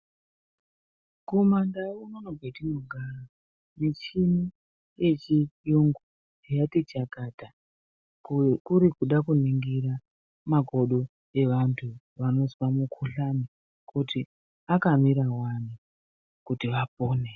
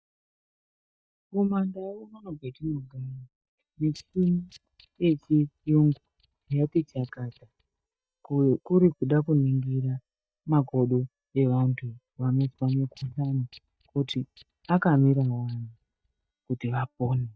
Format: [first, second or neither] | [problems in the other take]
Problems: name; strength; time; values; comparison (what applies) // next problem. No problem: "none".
first | noise reduction (neural mask model DeepFilterNet 3)